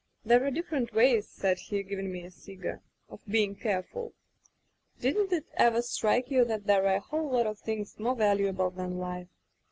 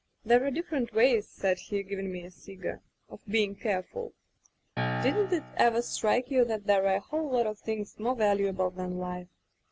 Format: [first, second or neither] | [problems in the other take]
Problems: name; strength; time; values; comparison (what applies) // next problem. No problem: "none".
first | background sound (Piano); 6 dB below the speech